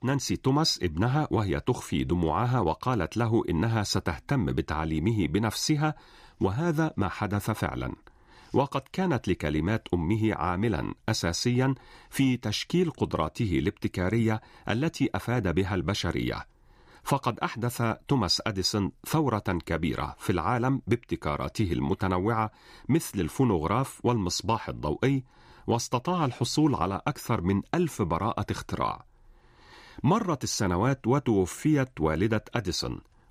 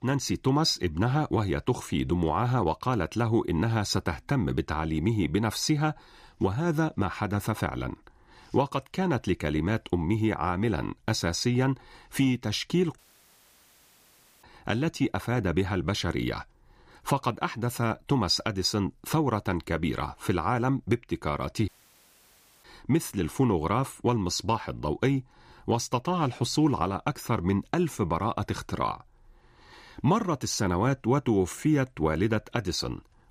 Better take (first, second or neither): first